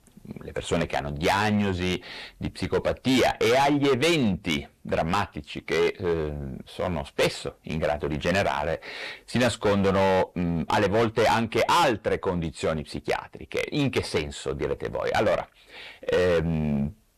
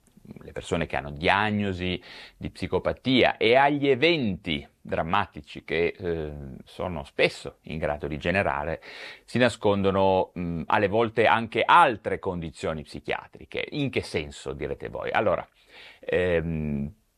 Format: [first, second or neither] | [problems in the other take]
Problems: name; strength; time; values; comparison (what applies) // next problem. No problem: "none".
second | distortion; heavy; 11% of the sound clipped